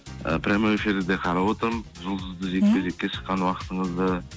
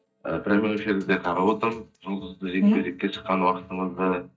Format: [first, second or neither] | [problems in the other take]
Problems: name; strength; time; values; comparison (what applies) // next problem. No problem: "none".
first | noise reduction (neural mask model DeepFilterNet 3)